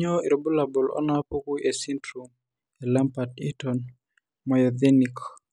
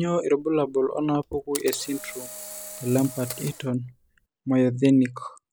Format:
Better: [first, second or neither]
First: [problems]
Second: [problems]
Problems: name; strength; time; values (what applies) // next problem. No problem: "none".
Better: first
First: none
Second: background sound (Camera); 15 dB below the speech